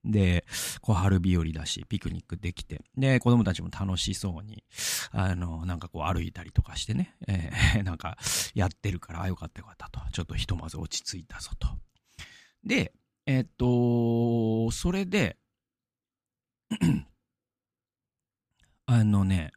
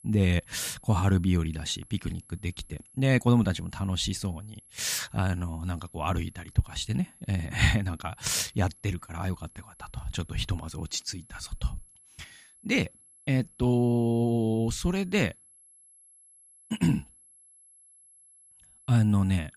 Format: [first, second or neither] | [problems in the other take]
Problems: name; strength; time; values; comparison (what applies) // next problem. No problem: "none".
first | high-pitched whine; faint; throughout; 11 kHz, 25 dB below the speech